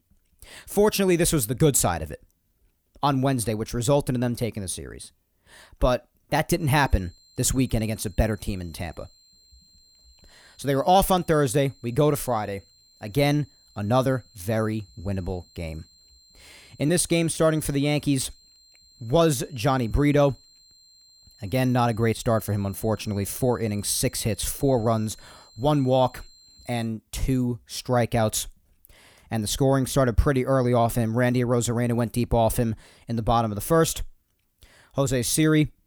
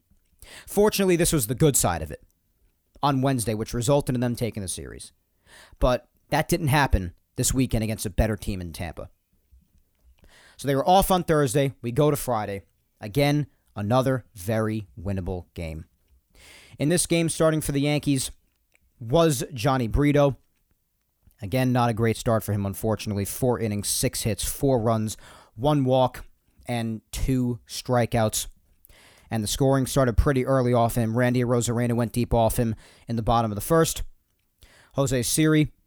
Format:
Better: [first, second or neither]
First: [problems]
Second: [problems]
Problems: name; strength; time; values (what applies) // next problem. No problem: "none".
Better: second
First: high-pitched whine; faint; from 6.5 to 27 s; 4 kHz, 30 dB below the speech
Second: none